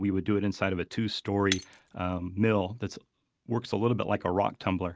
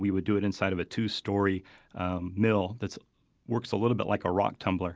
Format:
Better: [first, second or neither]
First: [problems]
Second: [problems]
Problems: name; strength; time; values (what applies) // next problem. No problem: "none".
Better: second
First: noise reduction (neural mask model RNNoise)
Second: none